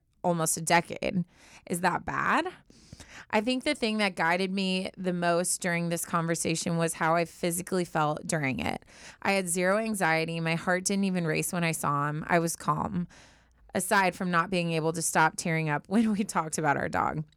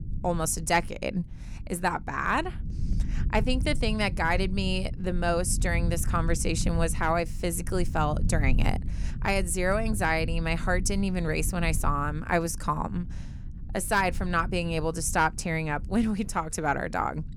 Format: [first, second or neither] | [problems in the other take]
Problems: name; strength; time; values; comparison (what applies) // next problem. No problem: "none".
first | low rumble; noticeable; throughout; 20 dB below the speech